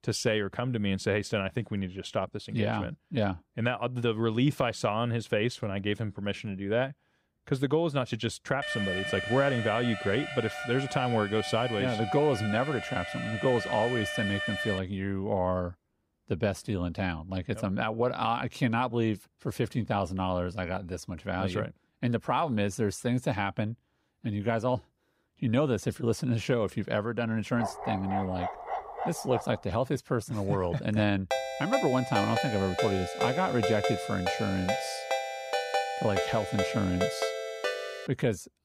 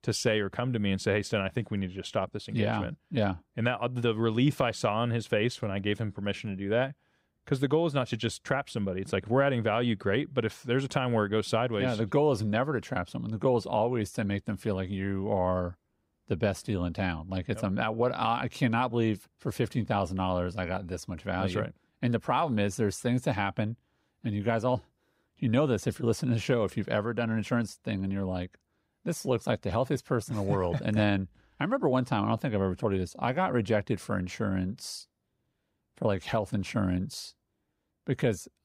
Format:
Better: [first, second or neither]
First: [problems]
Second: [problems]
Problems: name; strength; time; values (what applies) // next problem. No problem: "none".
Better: second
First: alarm; noticeable; from 8.5 to 15 s; peak 2 dB below the speech // dog barking; noticeable; from 28 to 30 s; peak 4 dB below the speech // phone ringing; loud; from 31 to 38 s; peak 1 dB above the speech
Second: none